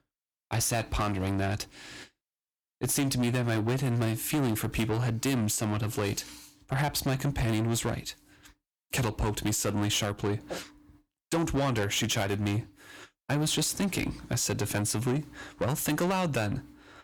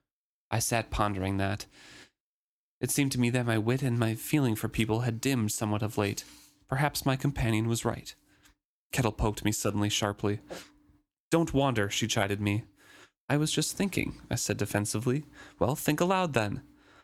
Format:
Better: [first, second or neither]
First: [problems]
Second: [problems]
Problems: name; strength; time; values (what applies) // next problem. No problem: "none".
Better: second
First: distortion; heavy; 7 dB below the speech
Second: none